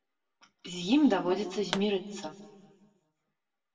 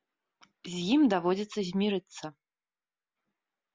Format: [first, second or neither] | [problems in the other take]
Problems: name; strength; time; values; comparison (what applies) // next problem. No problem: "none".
second | background sound (Explosion); 9 dB below the speech // room echo; dies away in 1.1 s